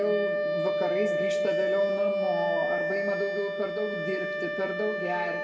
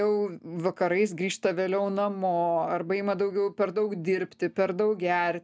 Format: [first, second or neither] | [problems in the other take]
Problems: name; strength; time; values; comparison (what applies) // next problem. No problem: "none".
second | background sound (Wind instrument, woodwind instrument); 3 dB above the speech // room echo; dies away in 1.8 s